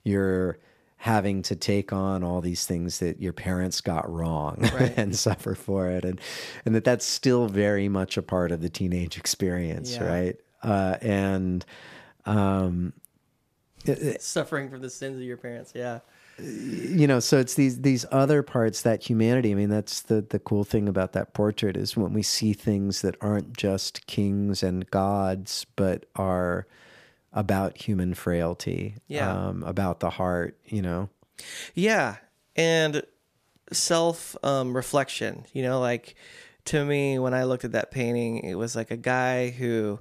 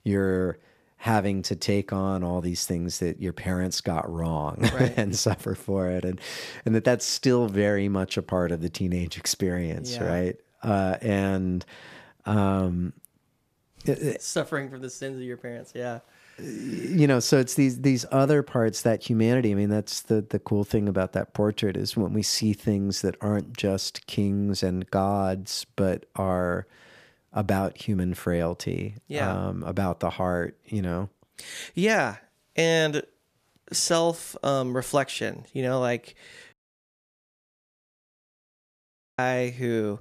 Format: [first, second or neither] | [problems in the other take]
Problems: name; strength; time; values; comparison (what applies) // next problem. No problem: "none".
first | audio cutting out; at 37 s for 2.5 s